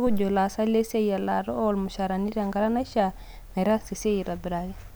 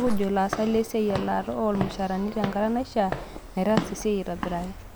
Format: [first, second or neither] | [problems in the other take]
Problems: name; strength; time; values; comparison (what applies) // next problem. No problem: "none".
first | background sound (Walk, footsteps / Siren); 9 dB below the speech